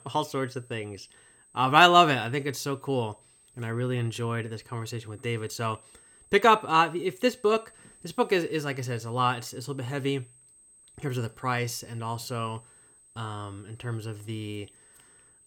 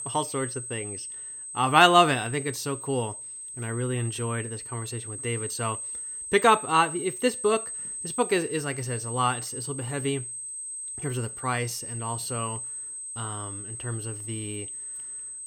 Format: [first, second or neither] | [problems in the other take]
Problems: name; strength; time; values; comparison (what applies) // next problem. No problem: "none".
first | high-pitched whine; loud; throughout; 8.5 kHz, 7 dB below the speech; faint in the first